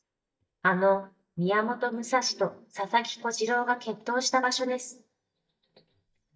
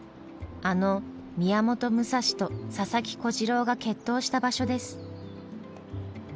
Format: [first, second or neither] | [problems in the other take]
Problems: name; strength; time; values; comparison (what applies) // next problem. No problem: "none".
second | noise reduction (neural mask model DeepFilterNet 3)